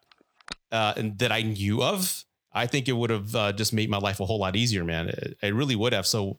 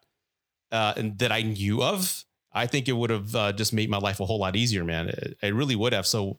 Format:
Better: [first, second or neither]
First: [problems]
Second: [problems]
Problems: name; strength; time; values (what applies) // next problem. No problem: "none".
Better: second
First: phone ringing; faint; at the start; peak 15 dB below the speech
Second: none